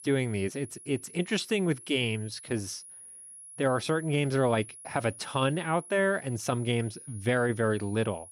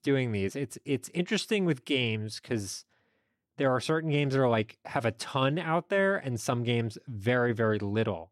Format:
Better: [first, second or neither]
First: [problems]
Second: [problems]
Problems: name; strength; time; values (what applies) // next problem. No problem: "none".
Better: second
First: high-pitched whine; noticeable; throughout; 10.5 kHz, 15 dB below the speech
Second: none